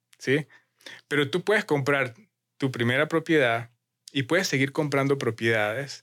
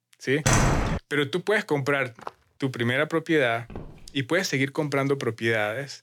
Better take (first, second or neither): first